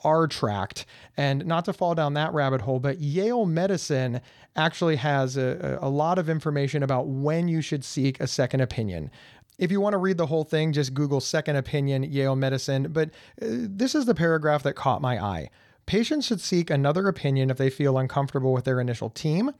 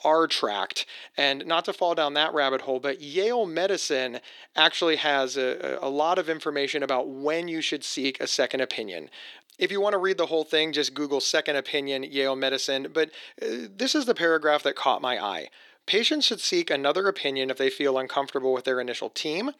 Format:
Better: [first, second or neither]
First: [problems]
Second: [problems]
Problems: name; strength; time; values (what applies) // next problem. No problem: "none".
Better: first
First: none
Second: thin; somewhat; fading below 300 Hz